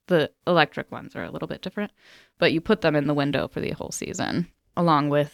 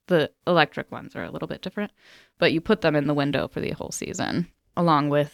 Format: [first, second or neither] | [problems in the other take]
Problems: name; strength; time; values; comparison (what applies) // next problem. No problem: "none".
neither | none